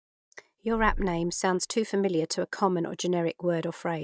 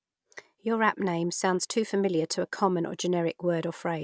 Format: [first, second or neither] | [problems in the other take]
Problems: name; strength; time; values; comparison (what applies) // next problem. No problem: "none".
second | noise reduction (neural mask model DeepFilterNet 3)